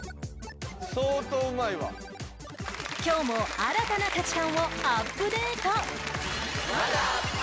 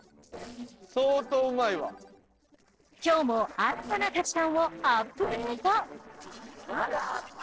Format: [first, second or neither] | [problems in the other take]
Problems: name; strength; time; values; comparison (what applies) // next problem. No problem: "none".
first | noise reduction (neural separator model SepFormer DNS4)